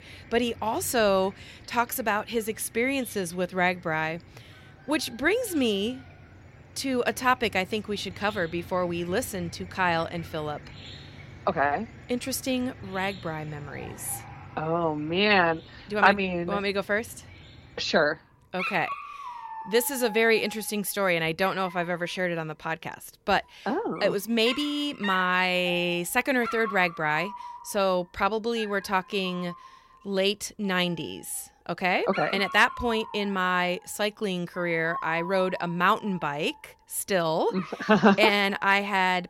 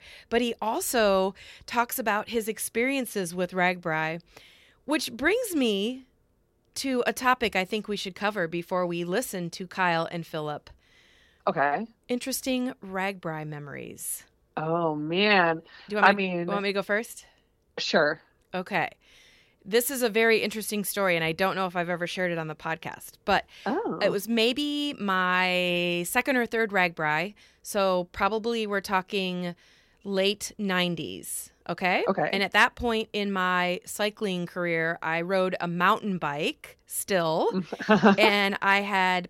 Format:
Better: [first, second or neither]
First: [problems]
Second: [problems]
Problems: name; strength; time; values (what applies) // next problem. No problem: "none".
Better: second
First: animal sounds; noticeable; throughout; 15 dB below the speech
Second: none